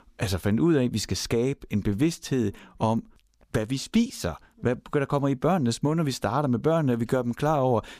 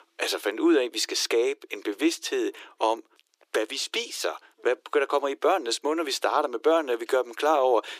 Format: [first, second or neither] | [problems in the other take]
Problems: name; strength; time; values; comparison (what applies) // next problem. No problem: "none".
first | thin; very; fading below 300 Hz